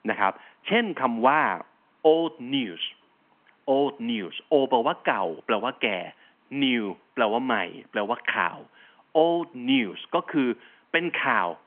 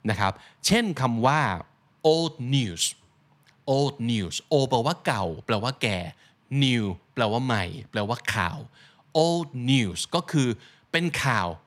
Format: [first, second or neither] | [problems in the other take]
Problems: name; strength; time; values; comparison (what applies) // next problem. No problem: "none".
second | phone-call audio; nothing above 3.5 kHz